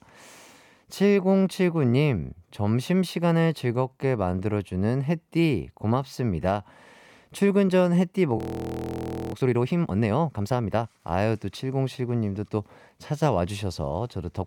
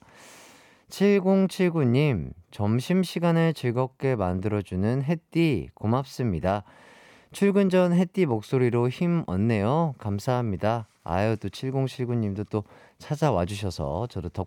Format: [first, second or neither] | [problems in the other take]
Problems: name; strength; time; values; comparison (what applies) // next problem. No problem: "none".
second | audio freezing; at 8.5 s for 1 s